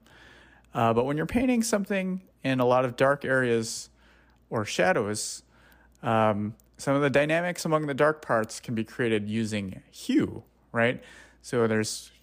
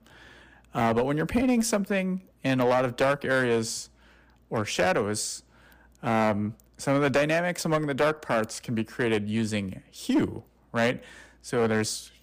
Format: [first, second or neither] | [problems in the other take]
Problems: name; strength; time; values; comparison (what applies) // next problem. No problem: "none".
first | distortion; slight; 5% of the sound clipped